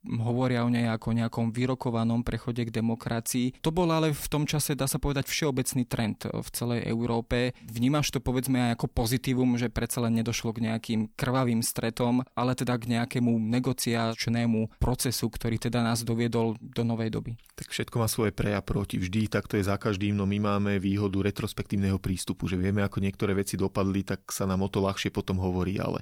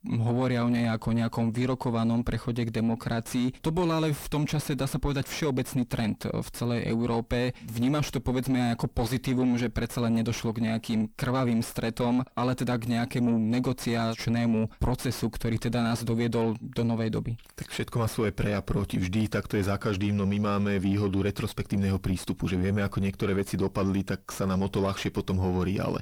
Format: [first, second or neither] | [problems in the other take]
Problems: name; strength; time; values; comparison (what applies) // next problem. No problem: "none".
first | distortion; slight; 9 dB below the speech